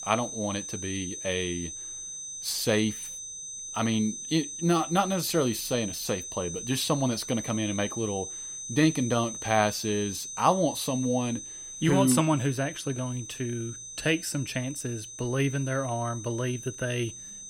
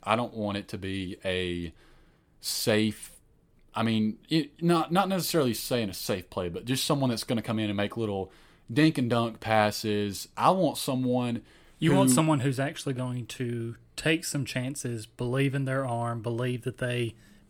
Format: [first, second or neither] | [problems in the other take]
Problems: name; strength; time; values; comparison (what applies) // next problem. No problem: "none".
second | high-pitched whine; loud; throughout; 6 kHz, 8 dB below the speech